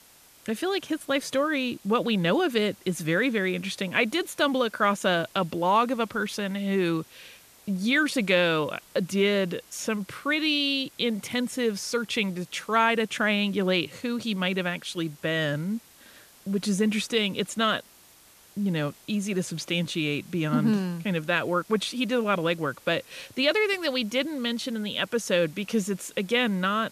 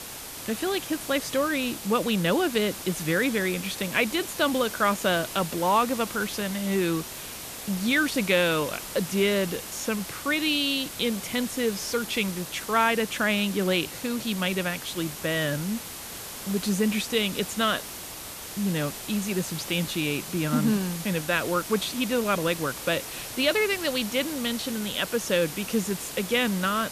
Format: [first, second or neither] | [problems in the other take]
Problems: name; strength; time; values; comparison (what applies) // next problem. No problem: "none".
first | hiss; loud; throughout; 9 dB below the speech; faint in the first